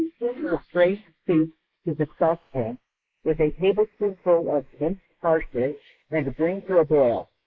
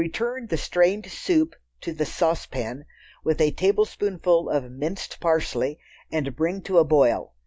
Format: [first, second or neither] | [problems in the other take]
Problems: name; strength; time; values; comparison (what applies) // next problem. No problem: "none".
second | noise reduction (neural mask model Resemble Enhance denoiser)